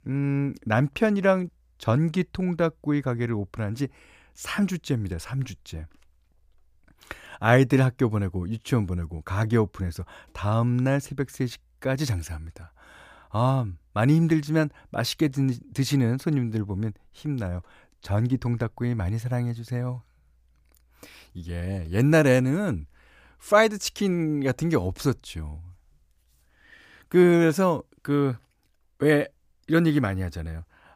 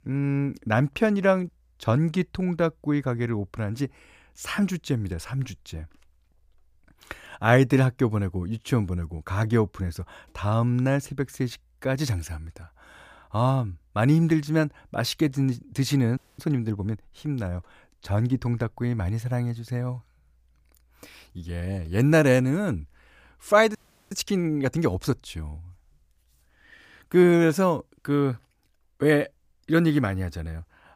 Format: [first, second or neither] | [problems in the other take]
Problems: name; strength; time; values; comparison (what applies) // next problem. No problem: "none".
first | audio freezing; at 16 s and at 24 s